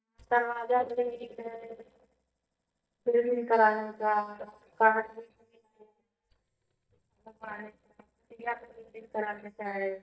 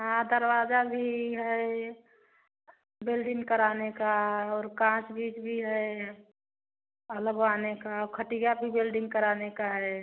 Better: second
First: noise reduction (neural mask model DeepFilterNet 3)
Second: none

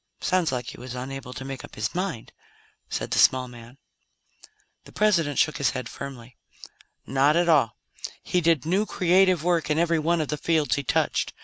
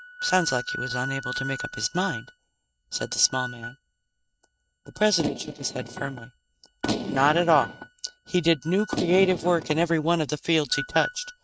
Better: first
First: none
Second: noise reduction (neural mask model RNNoise)

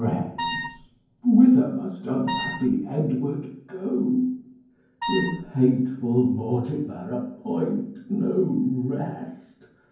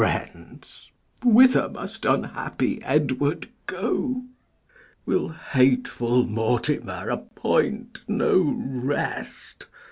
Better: second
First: background sound (Wind instrument, woodwind instrument); 7 dB below the speech // room echo; dies away in 0.9 s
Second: none

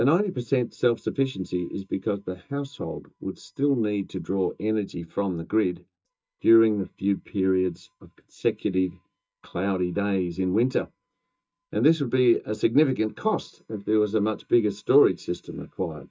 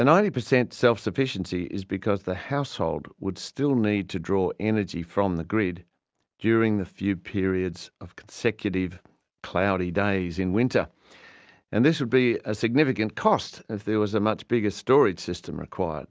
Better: second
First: noise reduction (neural mask model DeepFilterNet 3)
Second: none

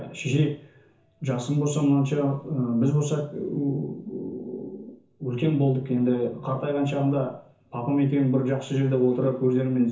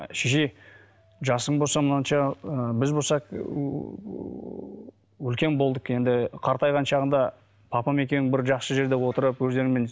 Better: second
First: room echo; dies away in 0.6 s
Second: none

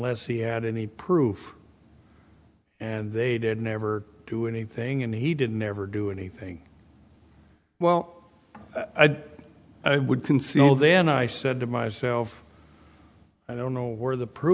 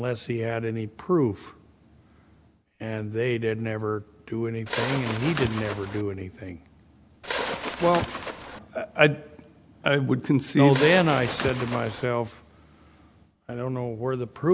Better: first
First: none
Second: background sound (Bird); 5 dB below the speech

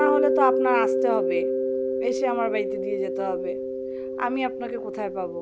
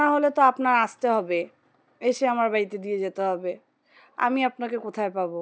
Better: second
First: background sound (Mallet percussion); 3 dB above the speech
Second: none

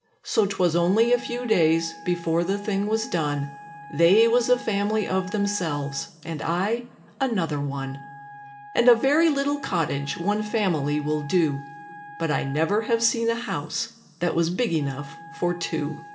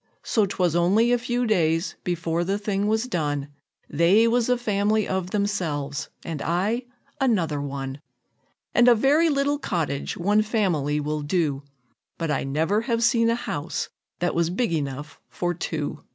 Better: second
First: background sound (Wind instrument, woodwind instrument); 18 dB below the speech // room echo; dies away in 1.7 s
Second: none

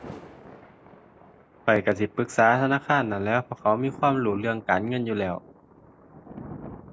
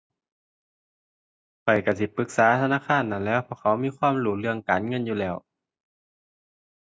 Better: second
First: background sound (Thunder); 19 dB below the speech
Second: none

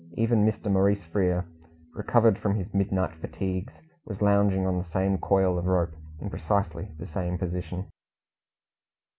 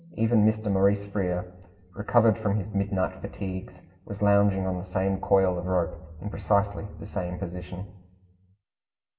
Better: first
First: none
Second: room echo; dies away in 0.8 s

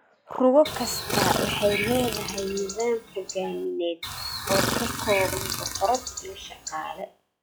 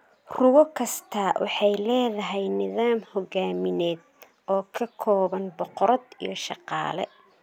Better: second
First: noise reduction (classical method log-MMSE)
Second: none

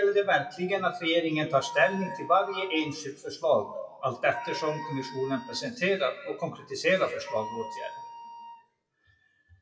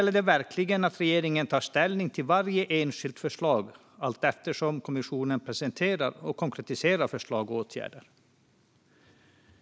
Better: second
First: noise reduction (classical method WPE with log-MMSE)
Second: none

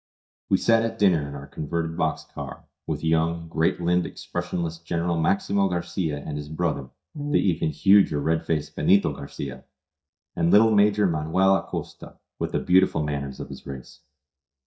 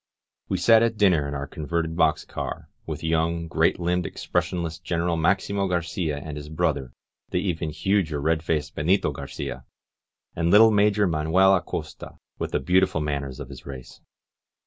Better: second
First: noise reduction (neural mask model DeepFilterNet 3)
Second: none

